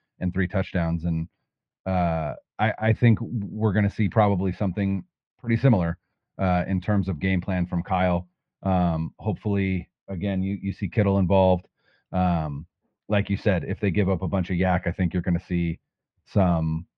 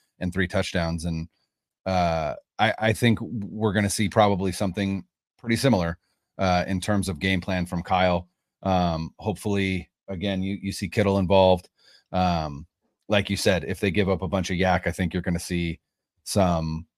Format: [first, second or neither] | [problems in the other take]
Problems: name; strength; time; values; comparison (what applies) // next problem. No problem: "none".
second | muffled; very; fading above 2.5 kHz